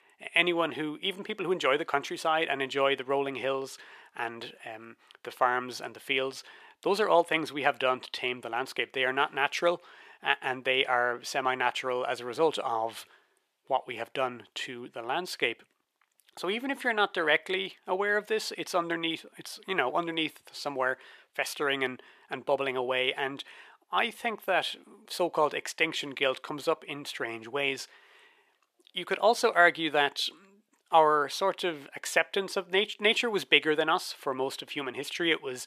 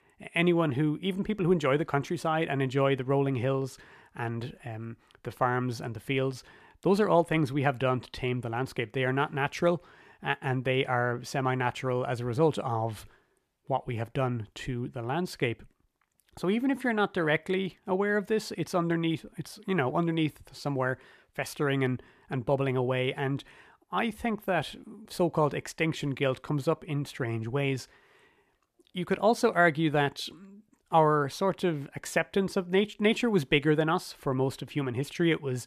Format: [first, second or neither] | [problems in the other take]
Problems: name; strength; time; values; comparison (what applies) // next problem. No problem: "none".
second | thin; somewhat; fading below 450 Hz